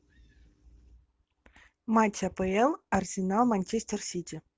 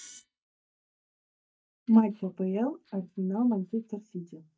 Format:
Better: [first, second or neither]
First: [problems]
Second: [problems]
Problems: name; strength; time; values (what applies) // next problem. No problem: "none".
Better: first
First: none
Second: noise reduction (neural mask model DeepFilterNet 3)